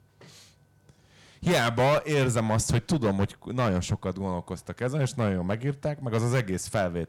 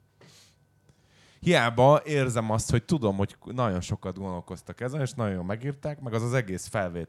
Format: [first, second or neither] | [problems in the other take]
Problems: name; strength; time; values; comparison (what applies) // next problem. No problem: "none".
second | distortion; heavy; 7% of the sound clipped